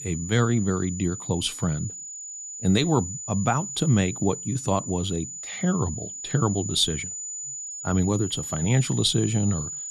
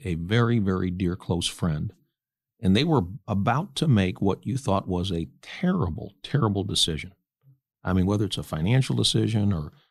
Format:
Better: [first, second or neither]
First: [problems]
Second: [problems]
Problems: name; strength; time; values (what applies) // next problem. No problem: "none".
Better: second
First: high-pitched whine; loud; throughout; 7 kHz, 8 dB below the speech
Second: none